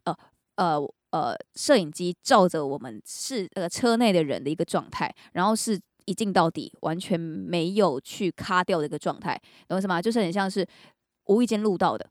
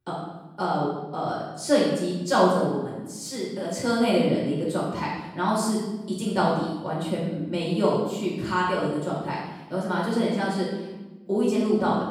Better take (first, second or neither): first